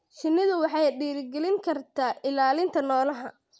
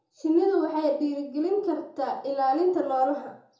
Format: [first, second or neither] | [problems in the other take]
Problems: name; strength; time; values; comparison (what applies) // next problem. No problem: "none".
first | room echo; dies away in 0.6 s